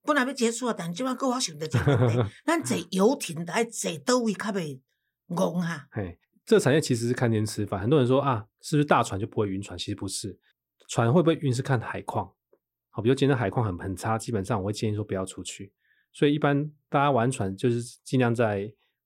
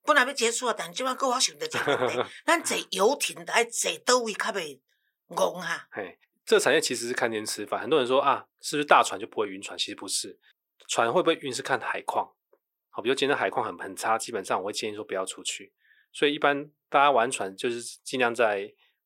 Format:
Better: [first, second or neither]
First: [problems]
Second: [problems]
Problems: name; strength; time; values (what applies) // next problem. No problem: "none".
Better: first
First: none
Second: thin; somewhat; fading below 500 Hz